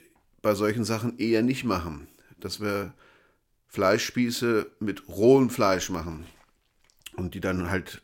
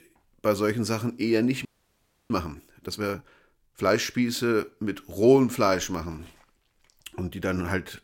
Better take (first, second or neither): first